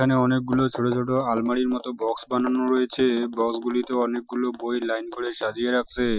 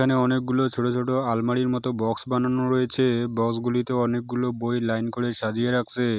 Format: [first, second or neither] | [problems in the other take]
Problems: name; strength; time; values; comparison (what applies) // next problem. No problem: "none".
second | noise reduction (classical method Wiener filter)